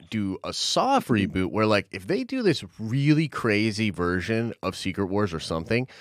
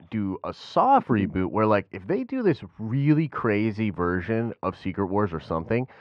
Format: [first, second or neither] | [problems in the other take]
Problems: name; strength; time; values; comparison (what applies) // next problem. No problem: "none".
first | muffled; very; fading above 1.5 kHz